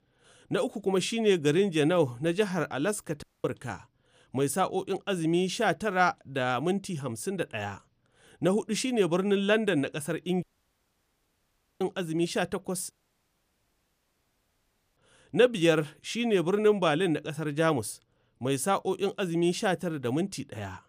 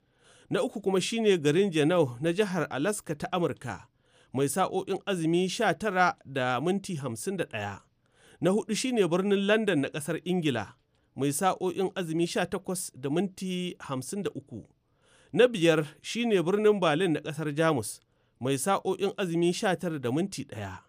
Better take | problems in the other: second | audio cutting out; at 3 s, at 10 s for 1.5 s and at 13 s for 2 s

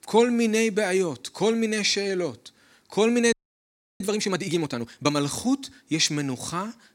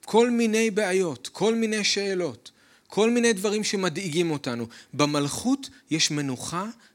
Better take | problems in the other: second | audio freezing; at 3.5 s for 0.5 s

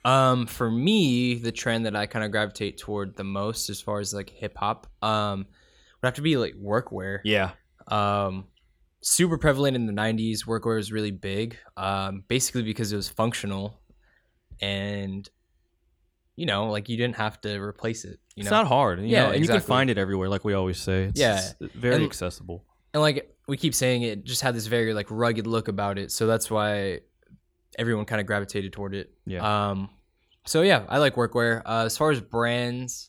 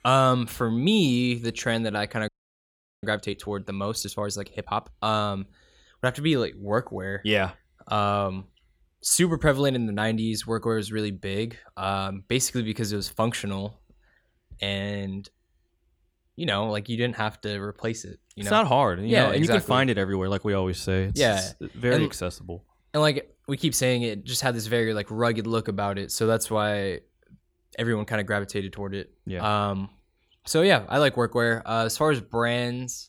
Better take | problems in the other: first | audio freezing; at 2.5 s for 1 s

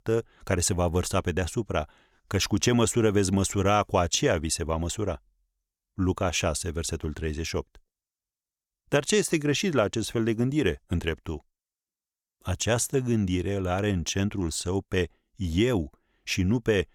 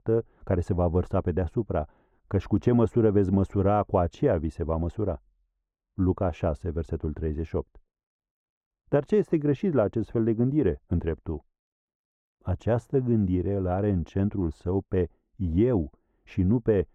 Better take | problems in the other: first | muffled; very; fading above 2 kHz

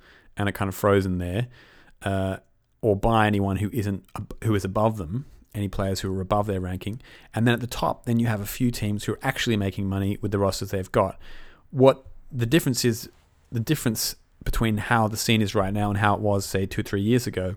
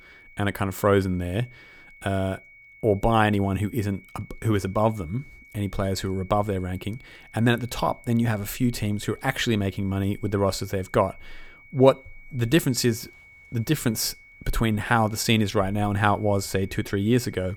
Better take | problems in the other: first | high-pitched whine; faint; throughout; 2 kHz, 25 dB below the speech

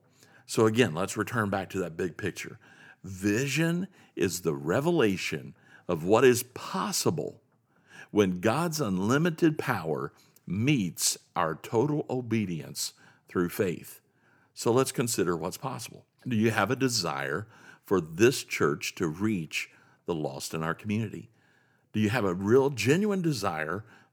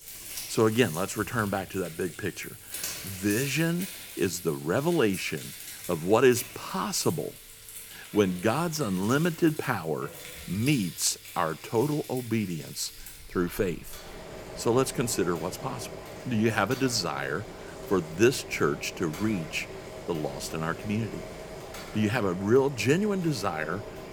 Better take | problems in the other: first | household noises; noticeable; throughout; 10 dB below the speech

